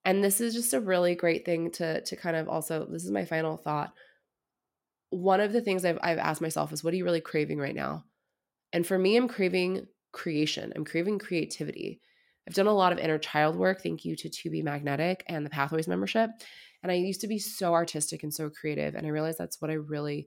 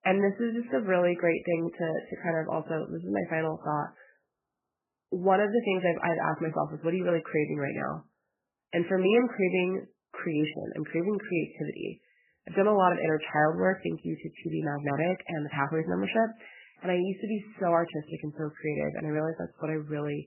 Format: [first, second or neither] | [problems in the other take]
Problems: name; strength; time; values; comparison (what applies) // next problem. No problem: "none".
first | garbled, watery; badly; nothing above 3 kHz